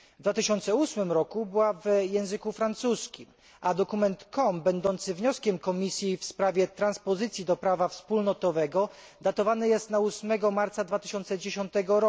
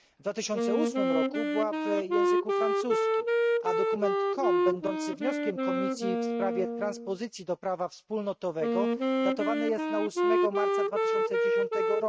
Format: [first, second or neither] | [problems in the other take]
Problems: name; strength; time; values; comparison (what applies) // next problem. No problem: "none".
first | noise reduction (neural mask model RNNoise)